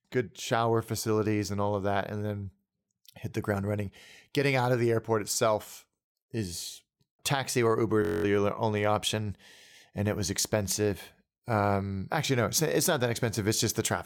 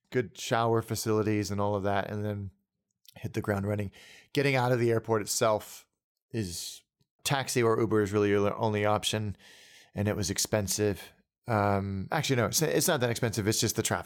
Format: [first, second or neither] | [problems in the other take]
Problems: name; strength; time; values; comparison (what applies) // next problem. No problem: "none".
second | audio freezing; at 8 s